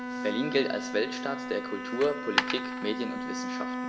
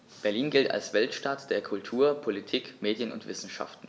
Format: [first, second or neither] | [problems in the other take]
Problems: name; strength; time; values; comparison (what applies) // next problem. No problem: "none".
second | background sound (Bowed string instrument + Coin (dropping)); 2 dB below the speech